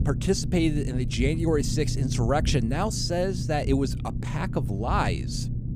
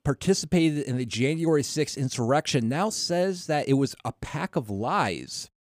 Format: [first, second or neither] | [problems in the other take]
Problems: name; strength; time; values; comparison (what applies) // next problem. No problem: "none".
second | low rumble; noticeable; throughout; 10 dB below the speech